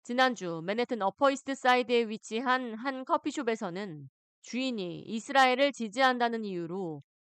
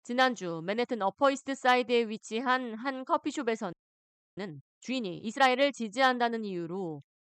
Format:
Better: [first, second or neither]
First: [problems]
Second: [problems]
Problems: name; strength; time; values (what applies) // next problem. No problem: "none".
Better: first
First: none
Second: audio freezing; at 3.5 s for 0.5 s